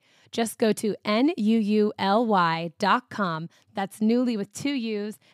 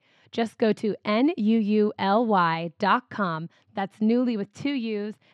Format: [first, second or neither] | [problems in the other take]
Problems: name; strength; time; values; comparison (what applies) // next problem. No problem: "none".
first | muffled; very slightly; fading above 3.5 kHz